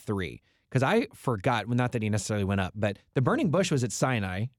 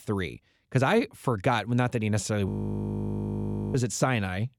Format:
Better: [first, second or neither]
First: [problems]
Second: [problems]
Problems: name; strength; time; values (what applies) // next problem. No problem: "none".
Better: first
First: none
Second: audio freezing; at 2.5 s for 1.5 s